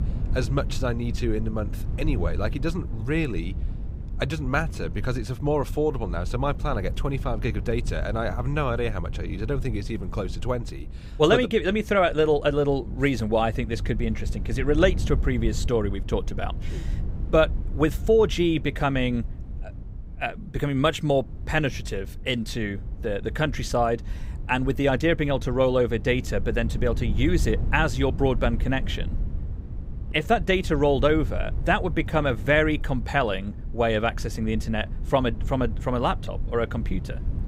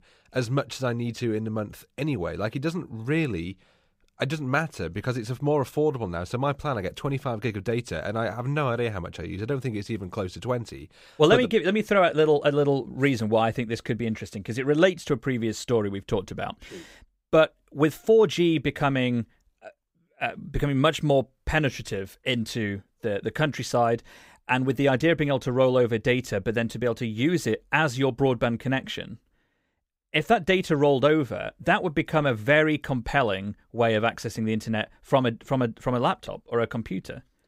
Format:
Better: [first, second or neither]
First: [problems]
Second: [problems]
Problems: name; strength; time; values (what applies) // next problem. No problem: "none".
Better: second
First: wind noise on the microphone; occasional gusts; 20 dB below the speech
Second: none